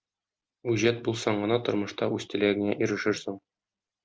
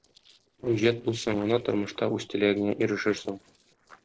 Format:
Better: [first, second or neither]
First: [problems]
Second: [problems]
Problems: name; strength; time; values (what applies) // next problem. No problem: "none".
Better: first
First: none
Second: noise reduction (neural separator model SepFormer DNS4)